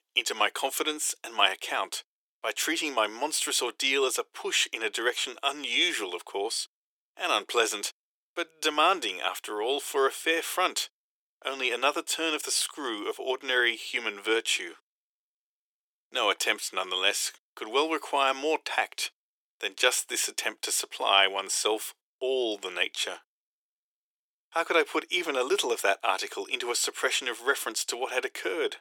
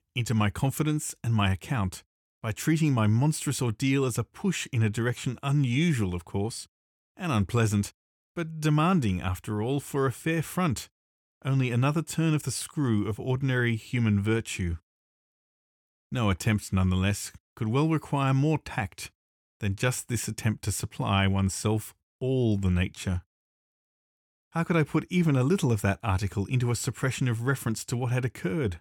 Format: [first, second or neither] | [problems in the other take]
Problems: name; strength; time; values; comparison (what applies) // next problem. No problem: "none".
second | thin; very; fading below 400 Hz